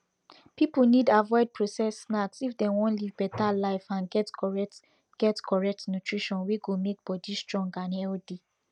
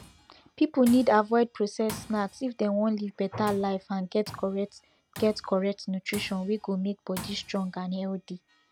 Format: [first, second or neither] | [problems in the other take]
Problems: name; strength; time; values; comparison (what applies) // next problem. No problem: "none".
first | background sound (Tools); 19 dB below the speech